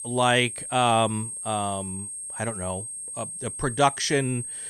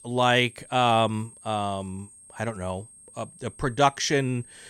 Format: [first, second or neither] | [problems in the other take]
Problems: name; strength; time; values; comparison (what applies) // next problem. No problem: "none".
second | high-pitched whine; loud; throughout; 8.5 kHz, 7 dB below the speech; faint in the second